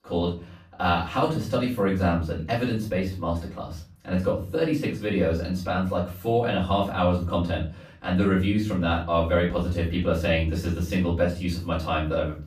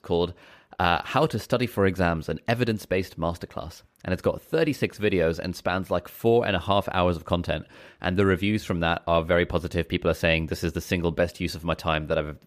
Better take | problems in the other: second | off-mic speech; far // room echo; slight; dies away in 0.4 s

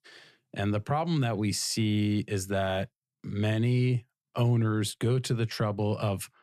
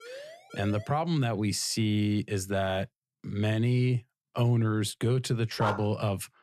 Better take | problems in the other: first | siren; faint; at the start; peak 15 dB below the speech // dog barking; noticeable; at 5.5 s; peak 5 dB below the speech

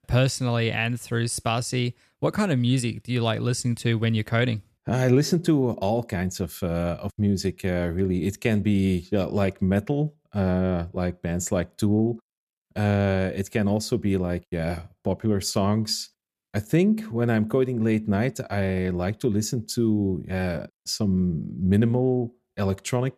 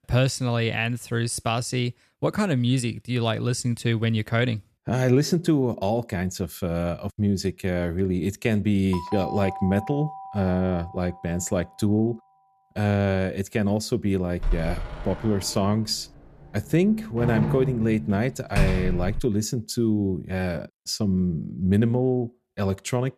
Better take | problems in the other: first | doorbell; noticeable; from 9 to 12 s; peak 8 dB below the speech // door banging; noticeable; from 14 to 19 s; peak level with the speech

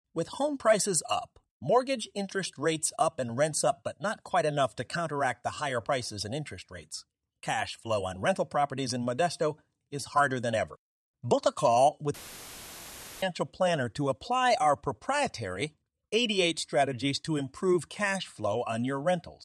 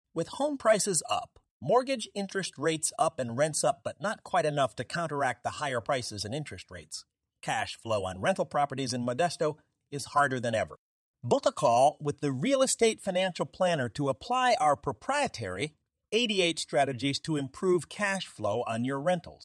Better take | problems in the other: second | audio cutting out; filled with static; at 12 s for 1 s

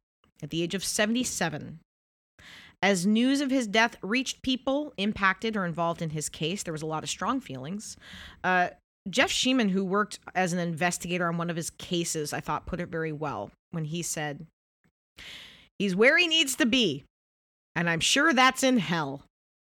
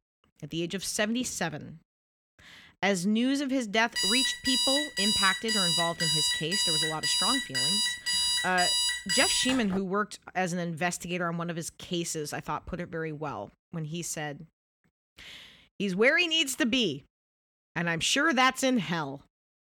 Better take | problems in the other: first | alarm; loud; from 4 to 10 s; peak 5 dB above the speech

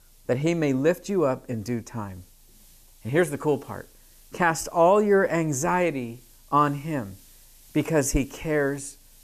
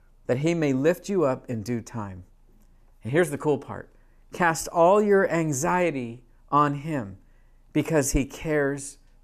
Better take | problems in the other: second | hiss; faint; throughout; 30 dB below the speech

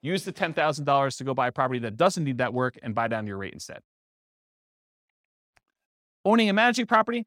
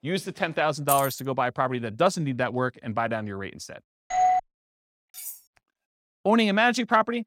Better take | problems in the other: first | jangling keys; noticeable; at 1 s; peak 4 dB below the speech // doorbell; loud; at 4 s; peak 2 dB above the speech // clattering dishes; faint; at 5 s; peak 10 dB below the speech

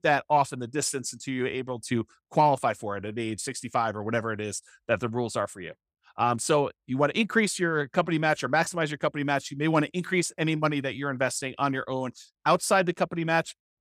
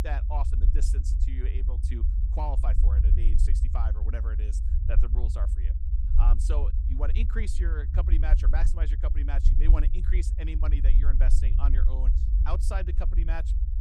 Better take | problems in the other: first | low rumble; loud; throughout; 6 dB below the speech

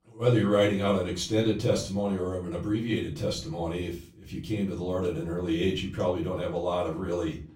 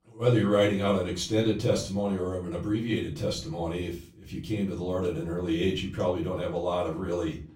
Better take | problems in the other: neither | room echo; slight; dies away in 0.3 s; the same in both // off-mic speech; far; the same in both

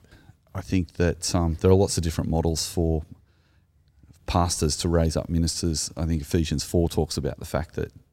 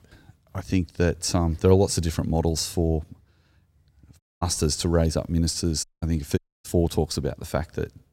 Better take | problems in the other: first | audio cutting out; at 4 s, at 6 s and at 6.5 s

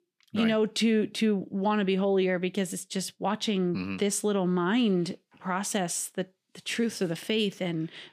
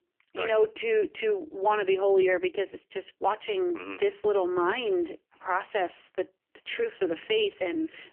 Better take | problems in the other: first | phone-call audio; poor line; nothing above 3 kHz

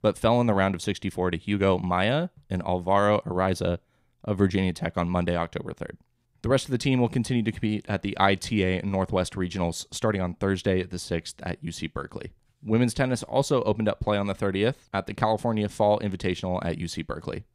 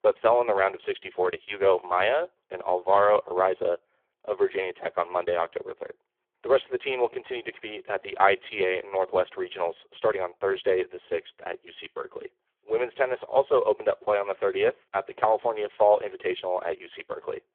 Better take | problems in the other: first | phone-call audio; poor line

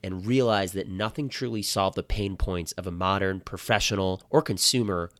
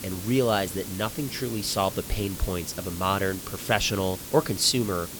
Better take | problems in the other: first | hiss; loud; throughout; 10 dB below the speech

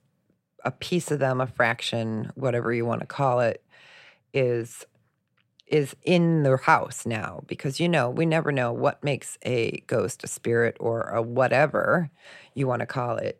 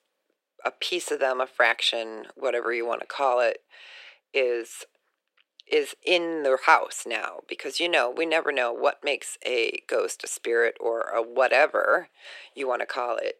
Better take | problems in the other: first | thin; very; fading below 350 Hz

